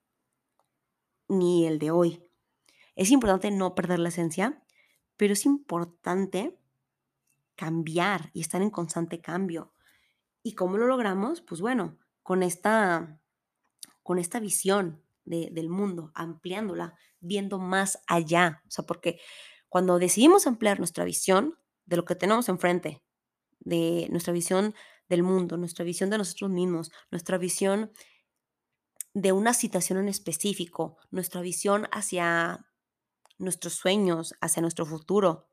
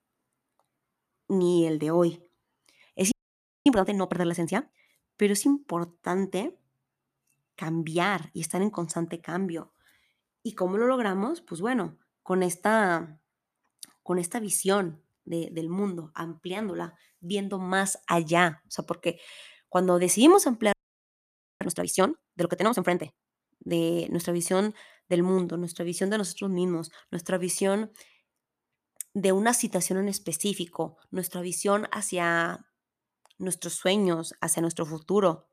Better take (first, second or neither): first